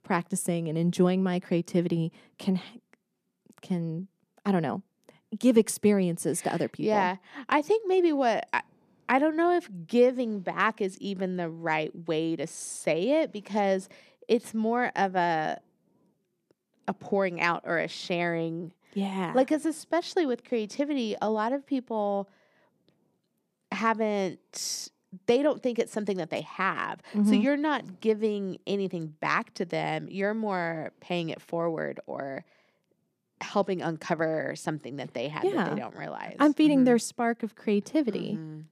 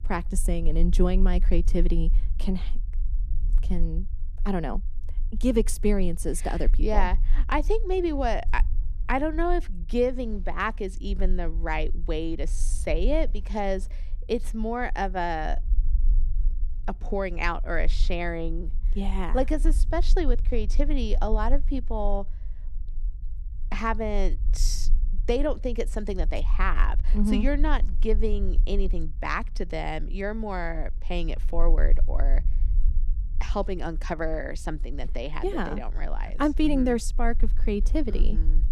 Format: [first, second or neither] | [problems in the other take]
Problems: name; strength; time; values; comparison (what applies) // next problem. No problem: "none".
first | low rumble; faint; throughout; 25 dB below the speech